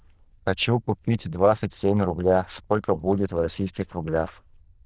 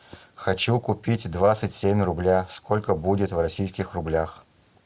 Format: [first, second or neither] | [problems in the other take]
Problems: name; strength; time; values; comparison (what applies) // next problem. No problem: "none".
second | noise reduction (neural diffusion model UNIVERSE++)